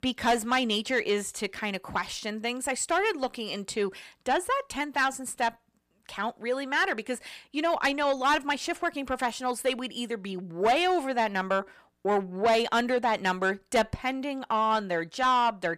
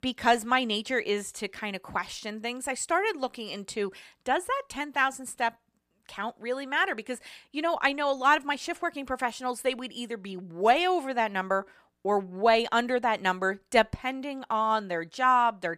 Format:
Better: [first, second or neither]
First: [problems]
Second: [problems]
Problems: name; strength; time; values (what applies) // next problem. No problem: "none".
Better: second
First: distortion; slight; 10 dB below the speech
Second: none